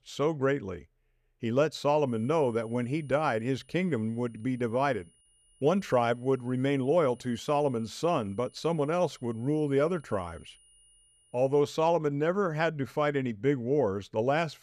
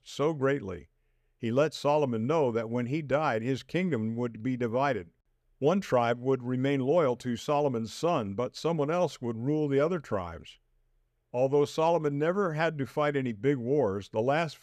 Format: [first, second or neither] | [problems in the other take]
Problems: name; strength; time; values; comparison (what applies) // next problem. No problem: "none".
second | high-pitched whine; faint; from 2 to 12 s; 9.5 kHz, 30 dB below the speech